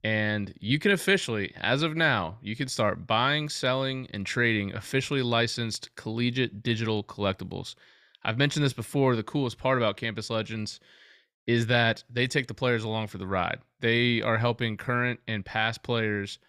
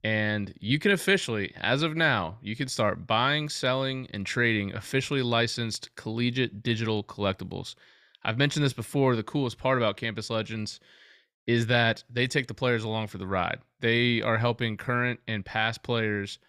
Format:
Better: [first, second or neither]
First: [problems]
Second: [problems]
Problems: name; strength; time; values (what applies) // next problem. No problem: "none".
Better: neither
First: none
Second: none